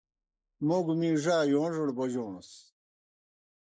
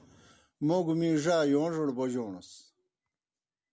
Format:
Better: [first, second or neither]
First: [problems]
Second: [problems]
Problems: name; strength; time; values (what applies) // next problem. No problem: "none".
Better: second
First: noise reduction (neural mask model Resemble Enhance denoiser)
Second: none